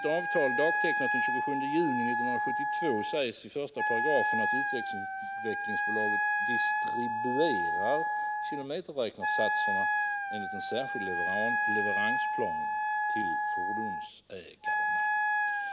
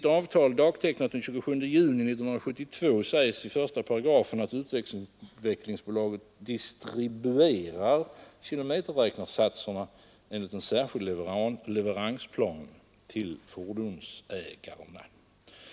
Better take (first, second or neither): second